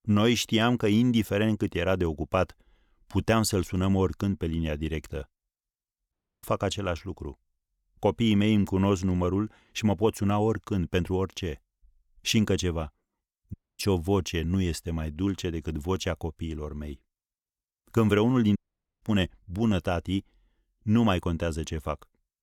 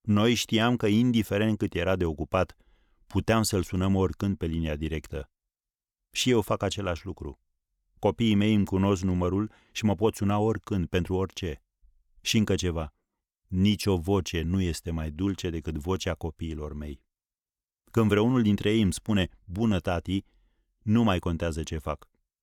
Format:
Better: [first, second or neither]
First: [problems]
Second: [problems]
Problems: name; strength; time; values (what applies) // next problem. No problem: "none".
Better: second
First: audio cutting out; at 6 s, at 14 s and at 19 s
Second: none